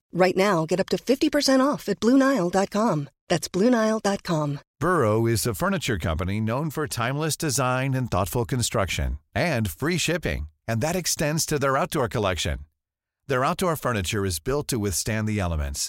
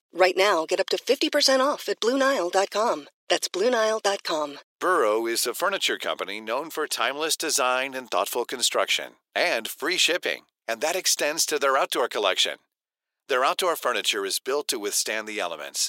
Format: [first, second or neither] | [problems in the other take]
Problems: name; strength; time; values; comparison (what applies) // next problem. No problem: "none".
first | thin; very; fading below 350 Hz